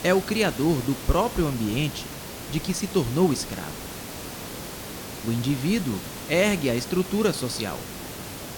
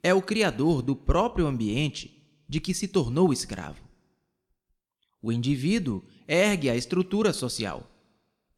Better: second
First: hiss; noticeable; throughout; 10 dB below the speech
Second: none

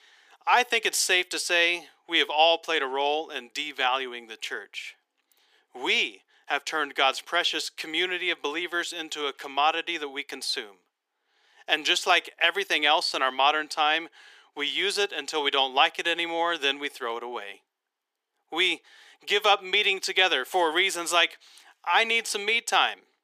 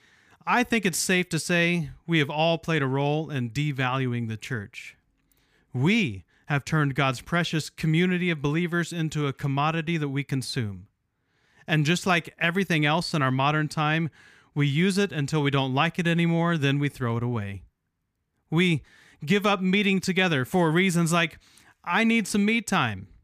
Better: second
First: thin; very; fading below 400 Hz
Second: none

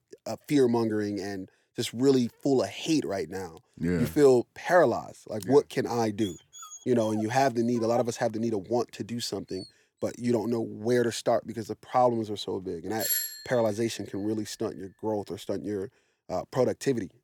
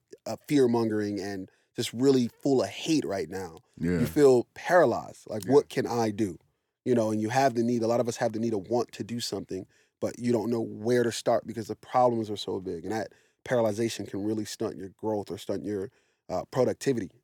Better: second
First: dog barking; noticeable; from 6 to 9.5 s; peak 8 dB below the speech // doorbell; loud; at 13 s; peak 1 dB above the speech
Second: none

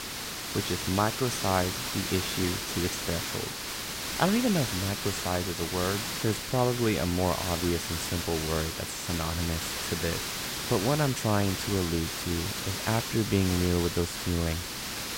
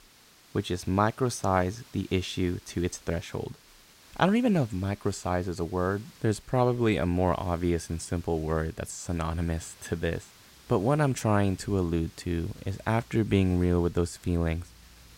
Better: second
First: hiss; loud; throughout; 2 dB below the speech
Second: hiss; faint; throughout; 25 dB below the speech

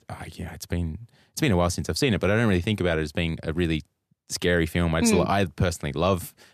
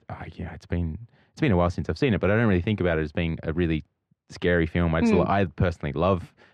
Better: first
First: none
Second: muffled; slightly; fading above 2.5 kHz

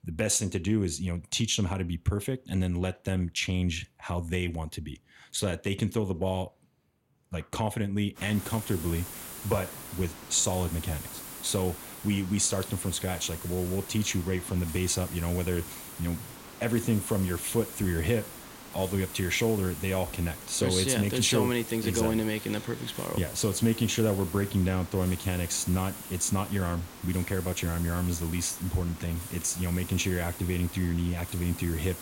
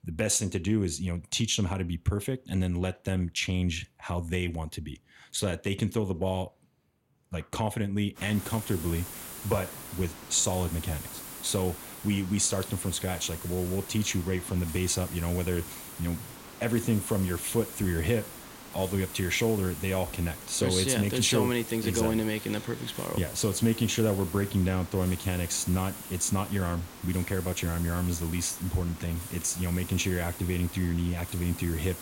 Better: neither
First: hiss; noticeable; from 8 s on; 10 dB below the speech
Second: hiss; noticeable; from 8 s on; 10 dB below the speech

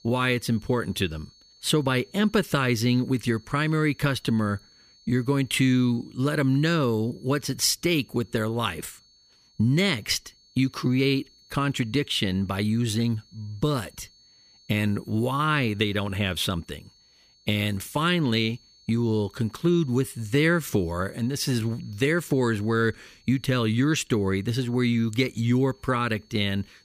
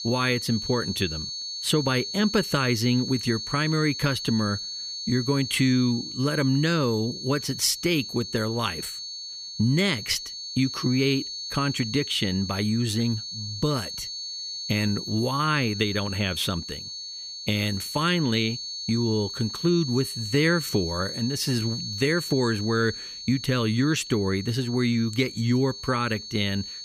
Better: first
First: high-pitched whine; faint; throughout; 4.5 kHz, 30 dB below the speech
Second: high-pitched whine; loud; throughout; 4.5 kHz, 7 dB below the speech

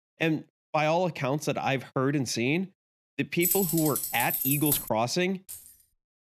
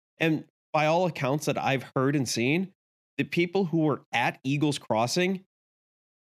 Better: second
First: jangling keys; loud; from 3.5 to 5 s; peak 3 dB above the speech // jangling keys; faint; at 5.5 s; peak 15 dB below the speech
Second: none

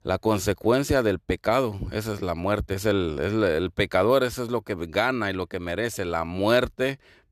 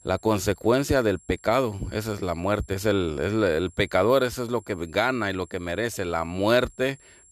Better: first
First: none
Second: high-pitched whine; faint; throughout; 7.5 kHz, 25 dB below the speech

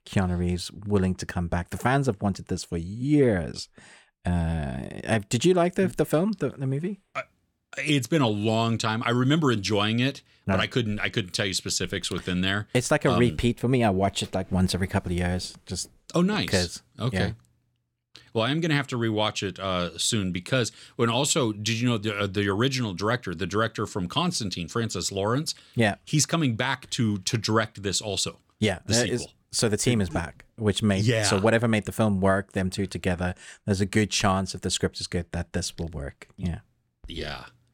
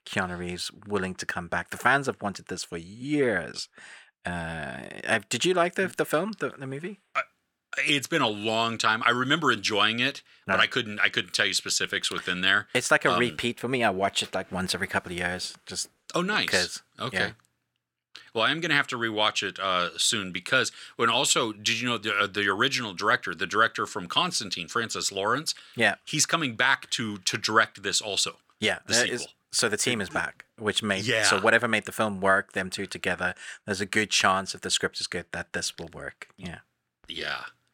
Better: first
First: none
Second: thin; somewhat; fading below 500 Hz

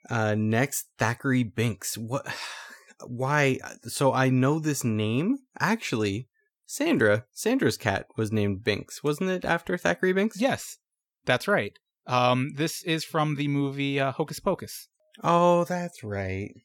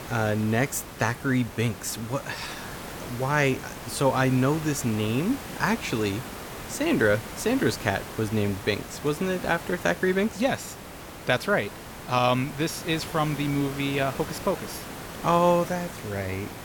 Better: first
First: none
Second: hiss; noticeable; throughout; 10 dB below the speech

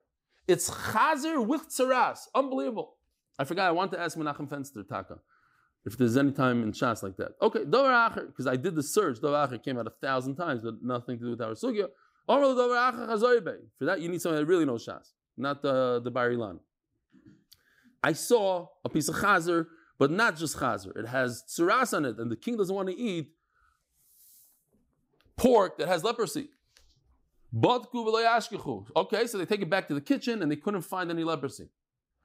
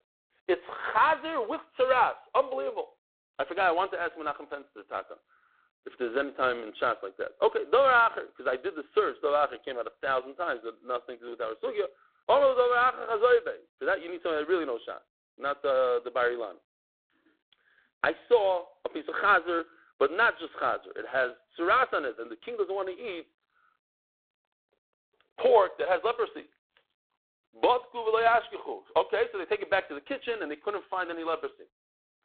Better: first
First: none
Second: phone-call audio; poor line; nothing above 4 kHz

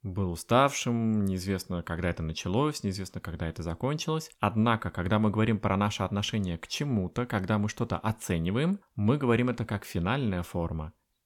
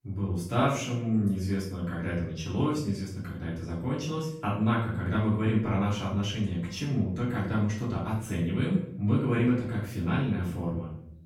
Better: first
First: none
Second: off-mic speech; far // room echo; noticeable; dies away in 0.6 s

